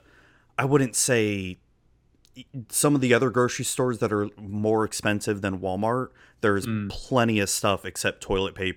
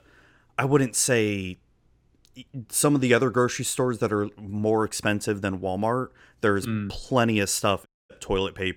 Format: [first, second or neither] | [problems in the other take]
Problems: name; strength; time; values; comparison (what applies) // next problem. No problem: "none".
first | audio cutting out; at 8 s